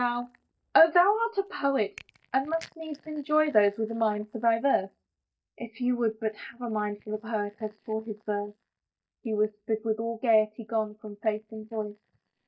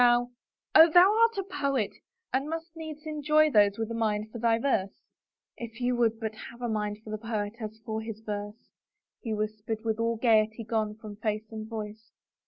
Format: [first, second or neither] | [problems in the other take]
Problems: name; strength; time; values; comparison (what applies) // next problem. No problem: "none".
second | noise reduction (neural mask model DeepFilterNet 3)